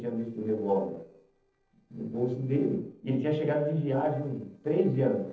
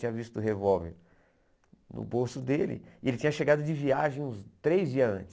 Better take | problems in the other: second | noise reduction (neural separator model SepFormer DNS4)

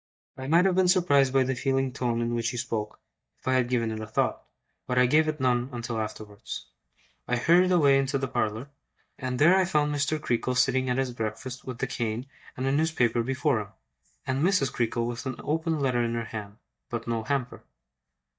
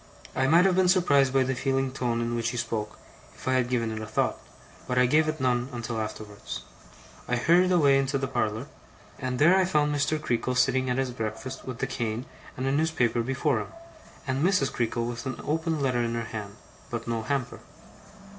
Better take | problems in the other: second | noise reduction (neural mask model DeepFilterNet 3)

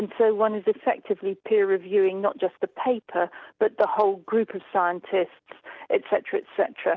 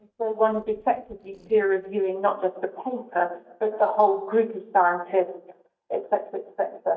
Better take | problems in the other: first | noise reduction (neural mask model DeepFilterNet 3)

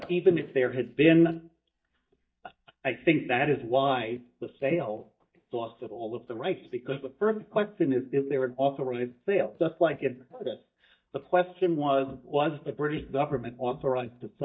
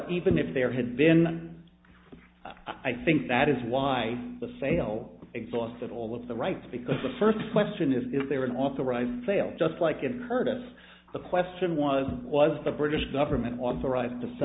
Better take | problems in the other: second | noise reduction (neural mask model DeepFilterNet 3)

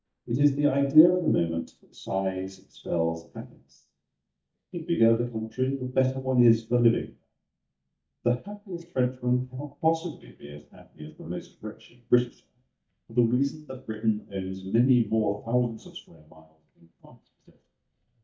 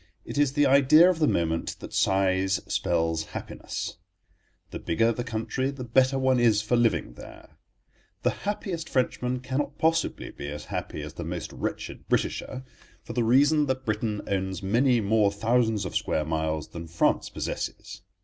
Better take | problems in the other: second | noise reduction (neural mask model DeepFilterNet 3)

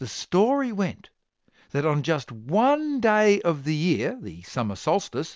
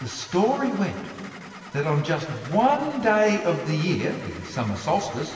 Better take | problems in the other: first | background sound (Engine starting / Car); 18 dB below the speech // room echo; dies away in 2.9 s

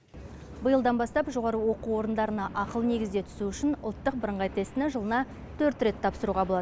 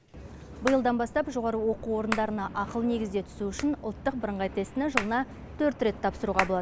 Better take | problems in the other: first | background sound (Hands); 10 dB below the speech

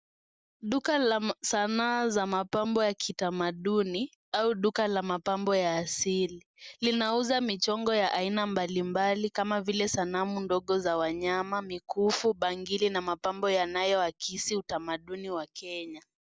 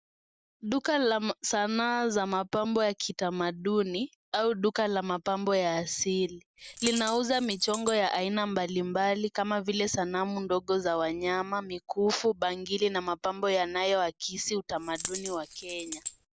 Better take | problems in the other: first | background sound (Coin (dropping)); 11 dB below the speech

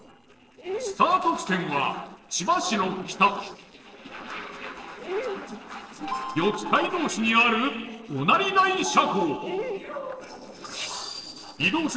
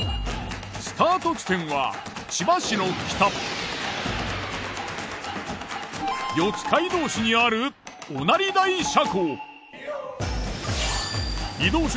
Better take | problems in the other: second | noise reduction (neural separator model SepFormer DNS4)

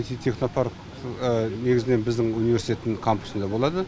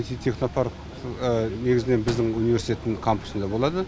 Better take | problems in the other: first | background sound (Musical instrument + Slam); 16 dB below the speech

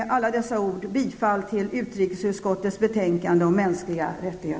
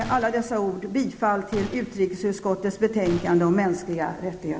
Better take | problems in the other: first | background sound (Gunshot, gunfire); 17 dB below the speech

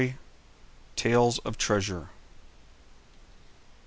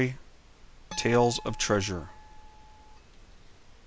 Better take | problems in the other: first | background sound (Harp); 17 dB below the speech

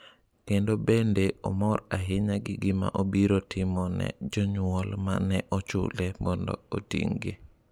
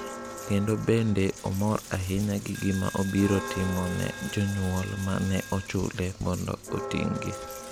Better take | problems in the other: first | background sound (Coin (dropping) + Church bell); 11 dB below the speech

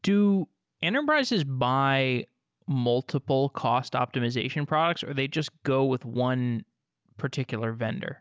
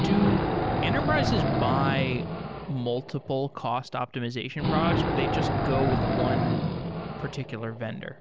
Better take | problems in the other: first | background sound (Wild animals); 2 dB above the speech

